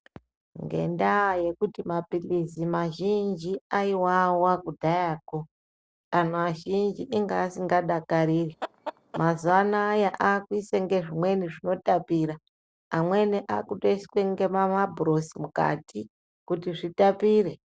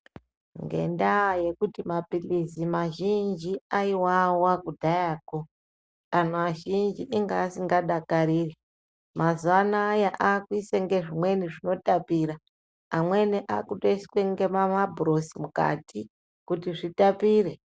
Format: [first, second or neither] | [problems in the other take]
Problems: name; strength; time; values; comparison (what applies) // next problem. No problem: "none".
second | noise reduction (neural separator model SepFormer DNS4)